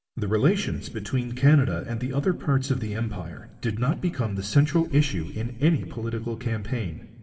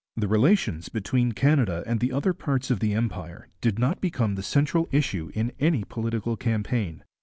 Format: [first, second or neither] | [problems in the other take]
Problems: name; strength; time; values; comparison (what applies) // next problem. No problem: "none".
second | room echo; dies away in 1.8 s